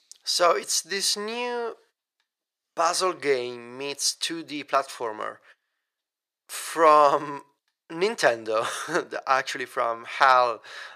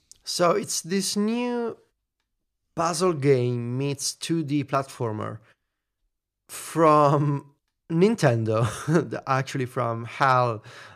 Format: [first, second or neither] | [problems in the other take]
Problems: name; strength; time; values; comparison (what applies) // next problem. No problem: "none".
second | thin; very; fading below 600 Hz